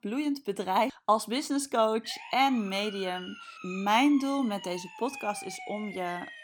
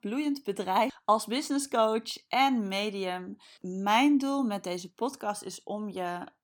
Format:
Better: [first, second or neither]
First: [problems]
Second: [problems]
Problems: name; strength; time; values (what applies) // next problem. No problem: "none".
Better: second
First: siren; faint; from 2 s on; peak 10 dB below the speech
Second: none